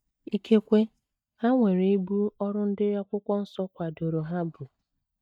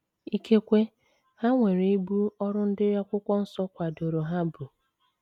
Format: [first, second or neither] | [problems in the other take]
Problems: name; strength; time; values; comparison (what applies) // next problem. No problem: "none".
second | noise reduction (neural mask model DeepFilterNet 3)